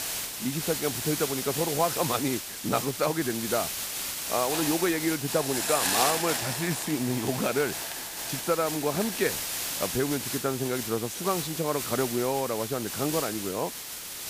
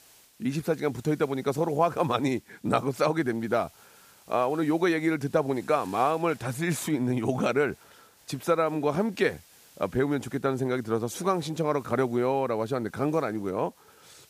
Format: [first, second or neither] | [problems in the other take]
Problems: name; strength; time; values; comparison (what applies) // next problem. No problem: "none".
second | hiss; loud; throughout; 1 dB below the speech; faint in the second